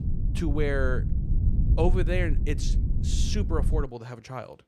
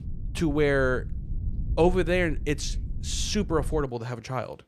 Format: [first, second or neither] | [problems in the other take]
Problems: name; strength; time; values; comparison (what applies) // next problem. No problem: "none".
second | low rumble; loud; until 4 s; 10 dB below the speech; faint in the second